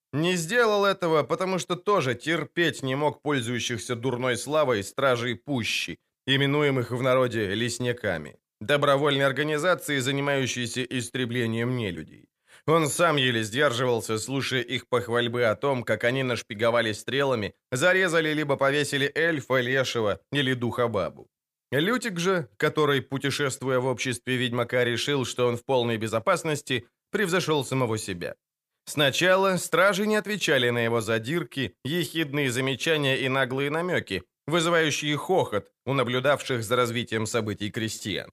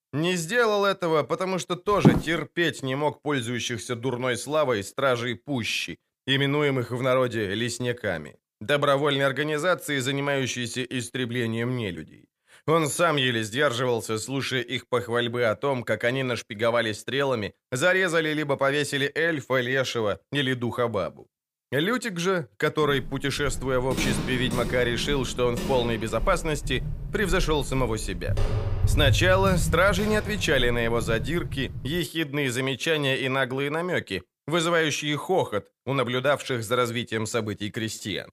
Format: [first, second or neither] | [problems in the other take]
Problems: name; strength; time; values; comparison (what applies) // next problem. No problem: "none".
first | footsteps; loud; at 2 s and from 23 to 32 s; peak 4 dB above the speech